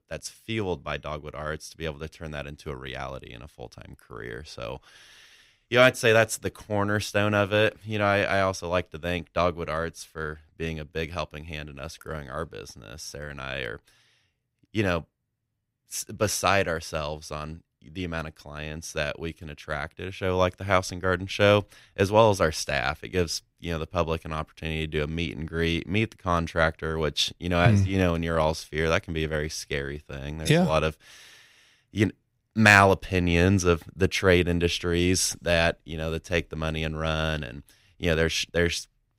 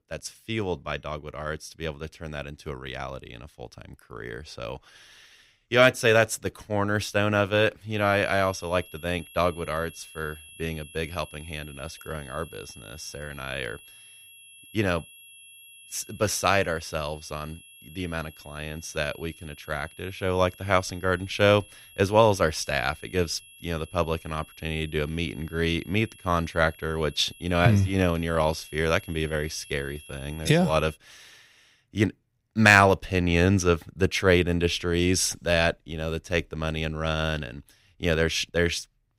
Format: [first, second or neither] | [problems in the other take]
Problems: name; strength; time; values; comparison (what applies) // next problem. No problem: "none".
first | high-pitched whine; faint; from 8 to 31 s; 3.5 kHz, 20 dB below the speech